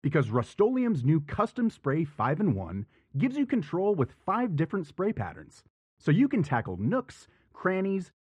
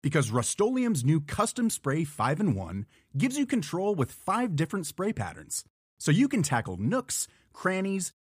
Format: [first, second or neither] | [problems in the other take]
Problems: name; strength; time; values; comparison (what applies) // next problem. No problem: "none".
second | muffled; very; fading above 2 kHz